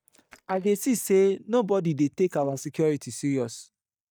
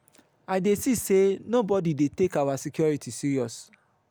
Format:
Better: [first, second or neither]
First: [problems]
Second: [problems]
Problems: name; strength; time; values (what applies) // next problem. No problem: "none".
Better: second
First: noise reduction (neural mask model DeepFilterNet 3)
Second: none